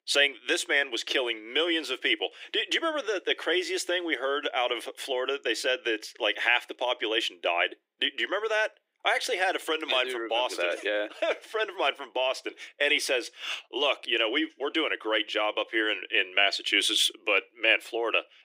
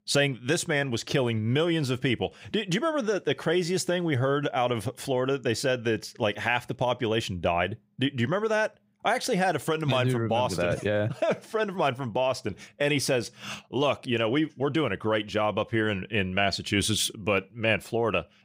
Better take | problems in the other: second | thin; very; fading below 300 Hz

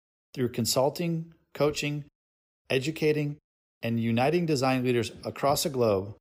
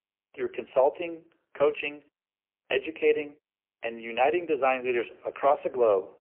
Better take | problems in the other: first | phone-call audio; poor line; nothing above 3 kHz

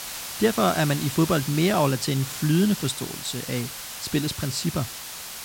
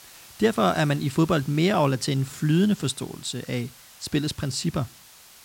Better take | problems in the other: second | hiss; loud; throughout; 8 dB below the speech; faint in the second

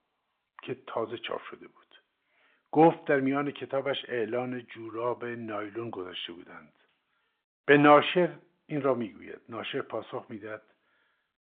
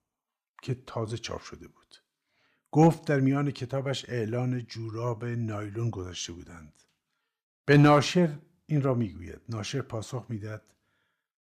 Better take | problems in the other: second | phone-call audio; nothing above 3.5 kHz

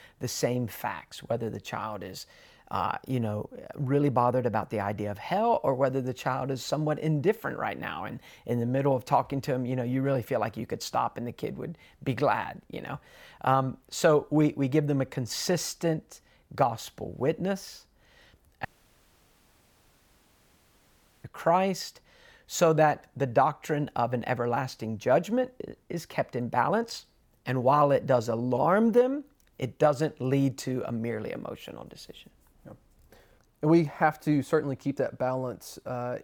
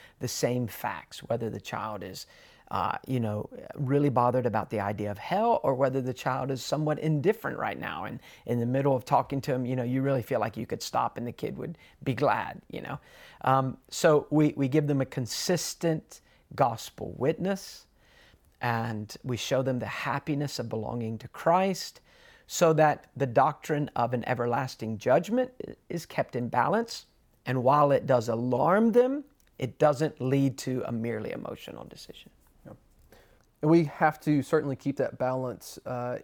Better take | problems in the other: second | audio cutting out; at 19 s for 2.5 s

